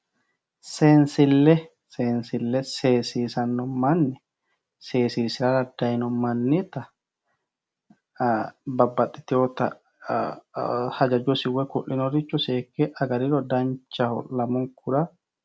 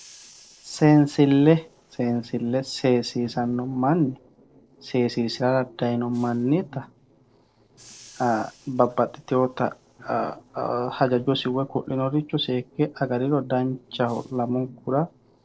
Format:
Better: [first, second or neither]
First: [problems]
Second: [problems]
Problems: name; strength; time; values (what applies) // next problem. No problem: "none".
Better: first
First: none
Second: noise reduction (neural separator model SepFormer DNS4)